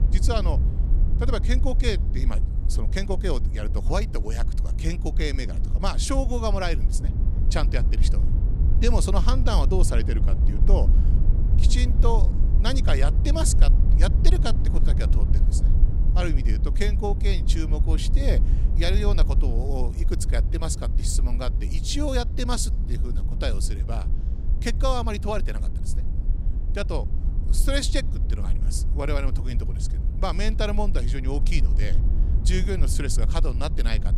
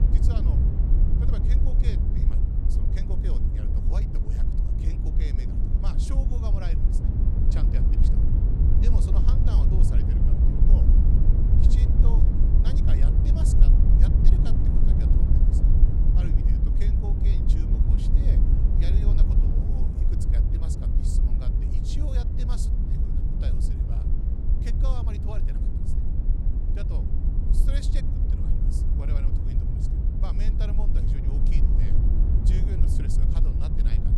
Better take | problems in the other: first | wind noise on the microphone; heavy; 4 dB above the speech; occasional gusts in the first

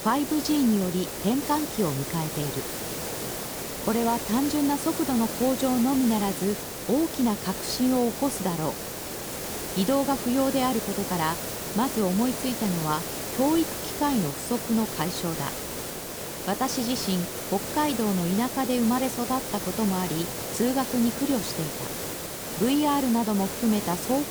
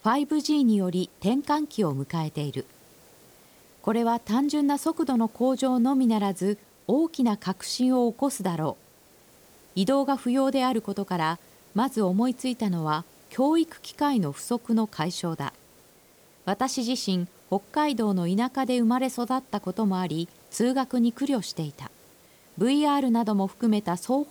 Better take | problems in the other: second | hiss; loud; throughout; 5 dB below the speech; faint in the second

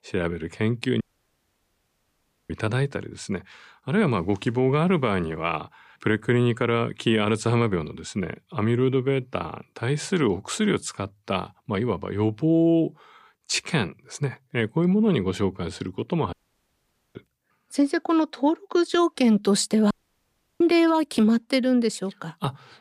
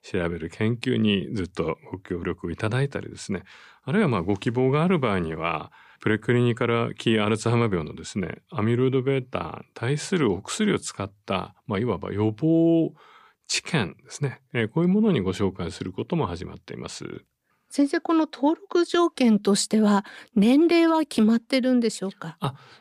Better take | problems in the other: second | audio cutting out; at 1 s for 1.5 s, at 16 s for 1 s and at 20 s for 0.5 s

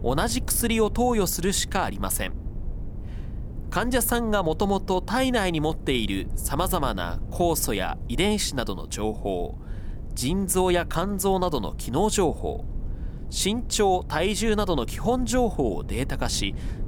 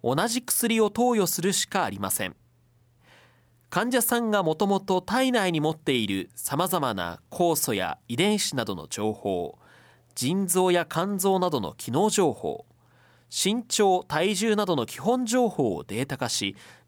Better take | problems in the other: second | low rumble; faint; throughout; 20 dB below the speech

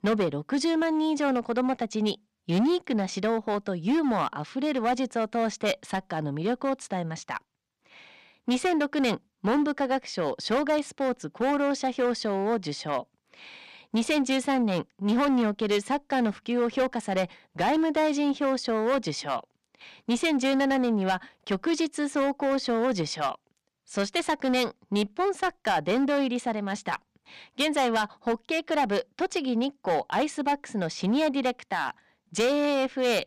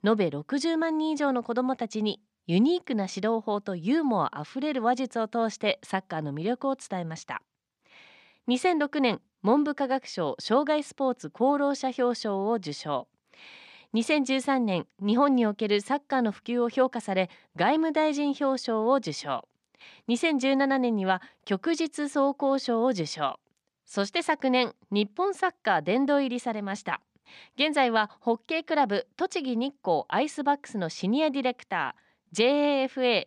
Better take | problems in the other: second | distortion; slight; 10% of the sound clipped

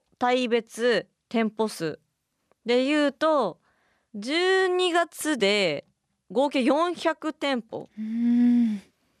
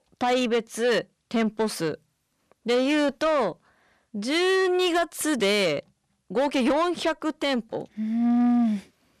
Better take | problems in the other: first | distortion; slight; 10 dB below the speech

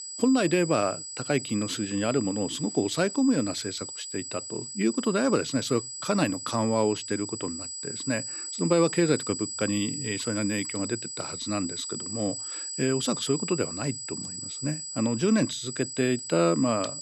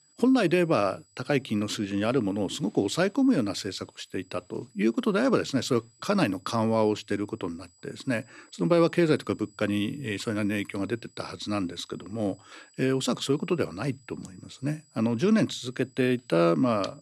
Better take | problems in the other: second | high-pitched whine; loud; throughout; 8 kHz, 6 dB below the speech; faint in the second

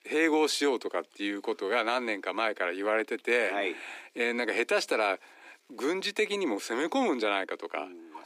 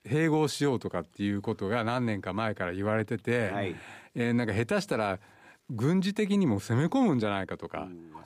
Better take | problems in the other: second | thin; somewhat; fading below 300 Hz

